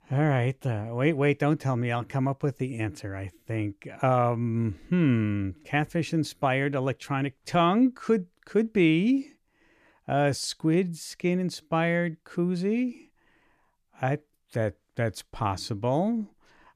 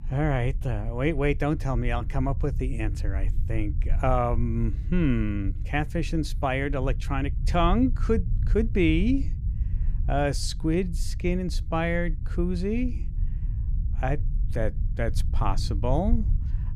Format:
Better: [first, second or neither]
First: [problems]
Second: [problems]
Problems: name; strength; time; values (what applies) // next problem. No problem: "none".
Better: first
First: none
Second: low rumble; noticeable; throughout; 20 dB below the speech